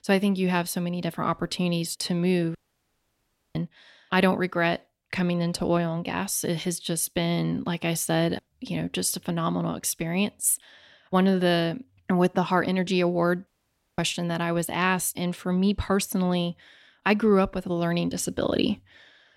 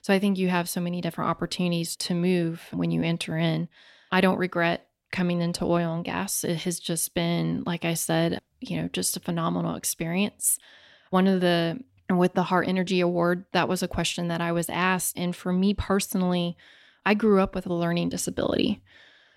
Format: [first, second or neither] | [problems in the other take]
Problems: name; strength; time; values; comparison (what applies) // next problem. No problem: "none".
second | audio cutting out; at 2.5 s for 1 s and at 13 s for 0.5 s